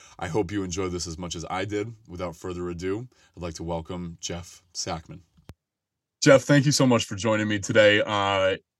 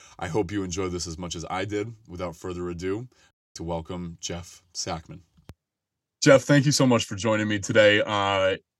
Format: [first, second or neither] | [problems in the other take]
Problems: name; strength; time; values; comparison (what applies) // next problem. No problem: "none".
first | audio cutting out; at 3.5 s